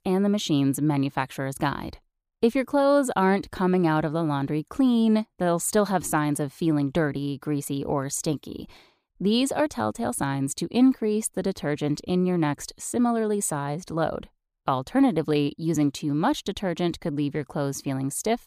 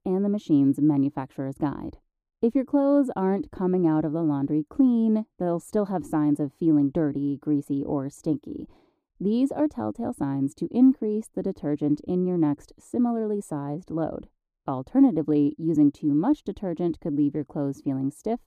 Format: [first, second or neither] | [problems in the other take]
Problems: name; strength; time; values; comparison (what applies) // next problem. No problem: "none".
first | muffled; slightly; fading above 1 kHz